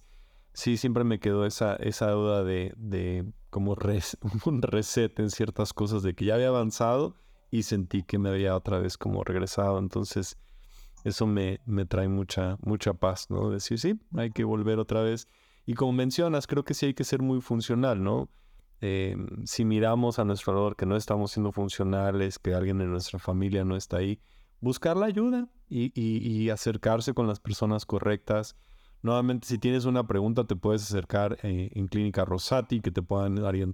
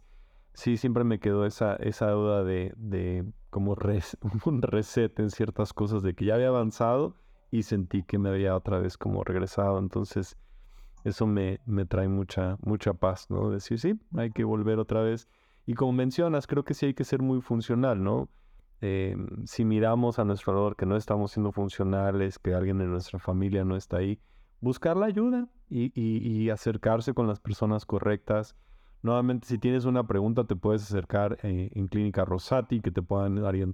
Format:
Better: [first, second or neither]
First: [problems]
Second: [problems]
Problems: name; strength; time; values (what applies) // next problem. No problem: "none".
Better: first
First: none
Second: muffled; slightly; fading above 3 kHz